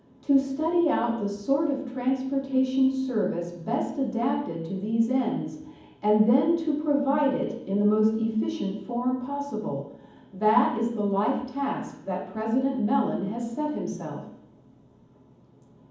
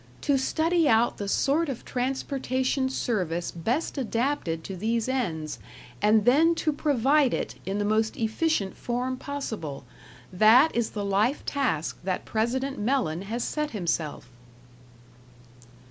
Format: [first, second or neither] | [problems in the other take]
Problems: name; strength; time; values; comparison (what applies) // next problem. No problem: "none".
second | room echo; dies away in 1.2 s